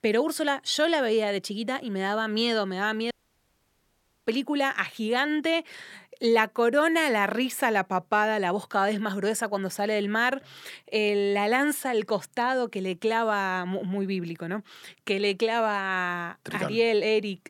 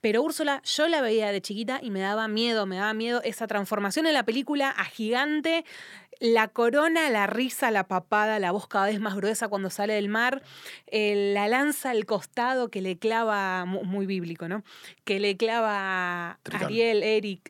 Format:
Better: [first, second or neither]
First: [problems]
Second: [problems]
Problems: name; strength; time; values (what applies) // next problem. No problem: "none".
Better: second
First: audio cutting out; at 3 s for 1 s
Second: none